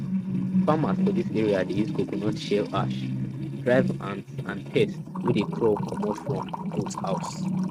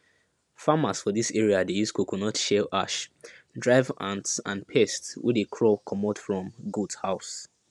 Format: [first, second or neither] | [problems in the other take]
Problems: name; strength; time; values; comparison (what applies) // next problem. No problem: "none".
second | noise reduction (neural mask model RNNoise)